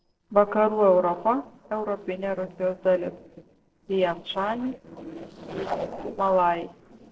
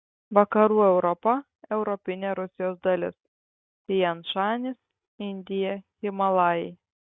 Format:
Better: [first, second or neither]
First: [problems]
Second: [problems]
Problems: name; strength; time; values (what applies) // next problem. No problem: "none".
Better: second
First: noise reduction (neural separator model SepFormer DNS4)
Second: none